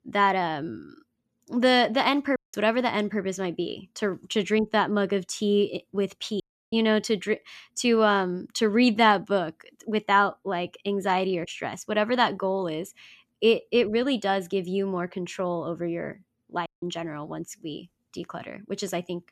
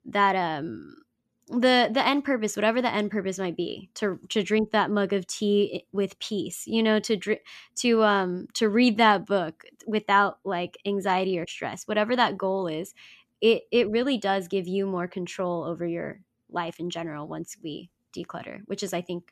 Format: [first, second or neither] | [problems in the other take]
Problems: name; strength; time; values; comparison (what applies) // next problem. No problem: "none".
second | audio cutting out; at 2.5 s, at 6.5 s and at 17 s